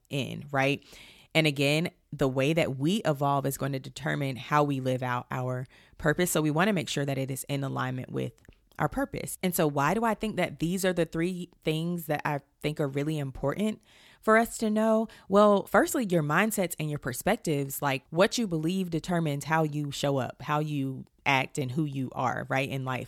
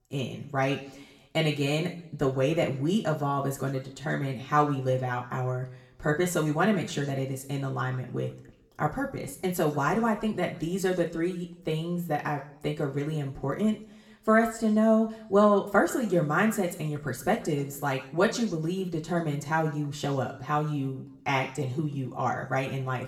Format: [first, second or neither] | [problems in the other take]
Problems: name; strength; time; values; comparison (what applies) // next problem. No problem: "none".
first | room echo; slight; dies away in 0.6 s // off-mic speech; somewhat distant